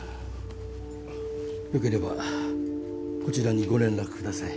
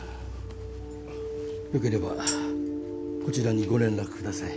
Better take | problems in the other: first | background sound (Tambourine); 8 dB below the speech

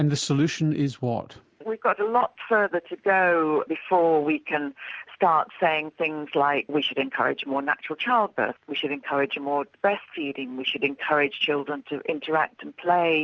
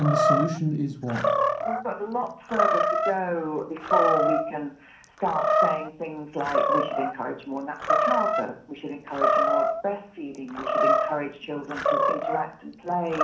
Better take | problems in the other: first | background sound (Animal); 4 dB above the speech // room echo; dies away in 0.6 s

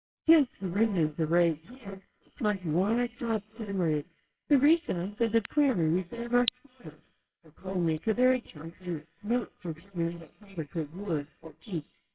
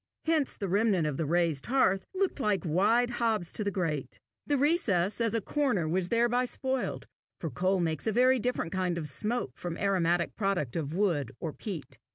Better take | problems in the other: second | noise reduction (neural separator model SepFormer WHAMR!)

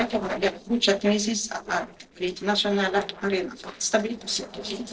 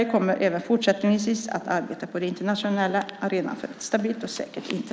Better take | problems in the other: second | noise reduction (neural separator model SepFormer DNS4)

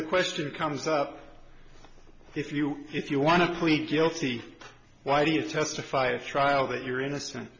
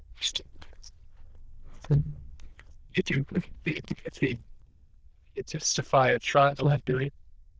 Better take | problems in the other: first | noise reduction (neural diffusion model UNIVERSE++)

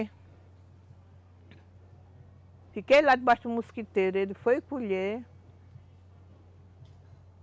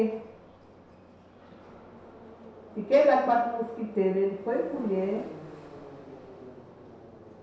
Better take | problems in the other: first | background sound (Subway, metro, underground); 17 dB below the speech // room echo; dies away in 0.7 s

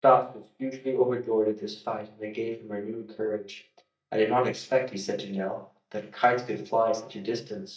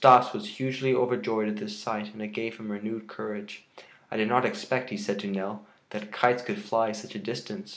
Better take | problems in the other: second | noise reduction (neural mask model DeepFilterNet 3)

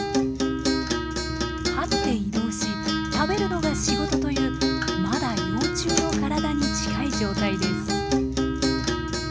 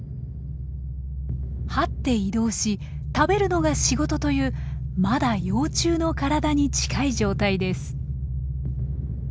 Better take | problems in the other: second | background sound (Acoustic guitar); 3 dB above the speech

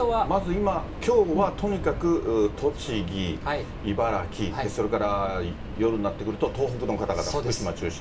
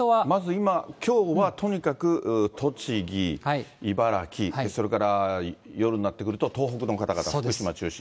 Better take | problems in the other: second | background sound (Subway, metro, underground); 9 dB below the speech // room echo; dies away in 0.2 s

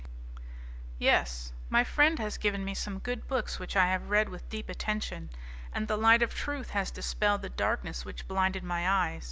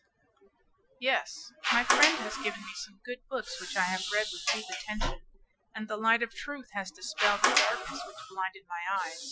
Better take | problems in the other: first | noise reduction (classical method Wiener filter)

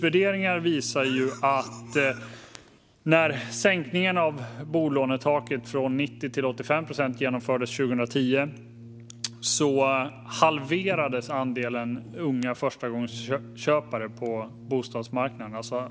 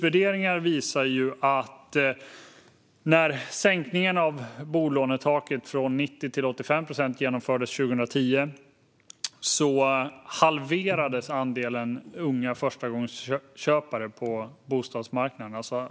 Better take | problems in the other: second | background sound (Cough + Brass instrument); 17 dB below the speech

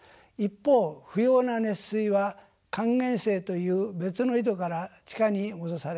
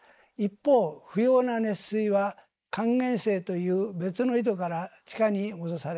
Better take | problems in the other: first | noise reduction (neural mask model Resemble Enhance denoiser)

